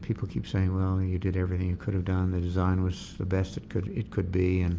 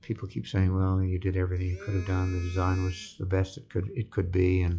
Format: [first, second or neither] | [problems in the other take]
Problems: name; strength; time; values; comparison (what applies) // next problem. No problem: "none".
first | noise reduction (classical method log-MMSE)